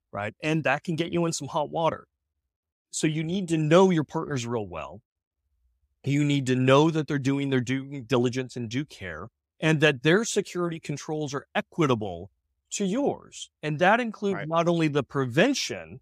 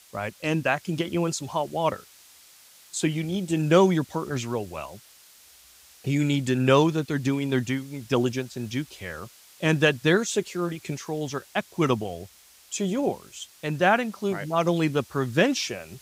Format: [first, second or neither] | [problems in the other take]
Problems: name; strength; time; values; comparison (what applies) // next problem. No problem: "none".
first | hiss; faint; throughout; 25 dB below the speech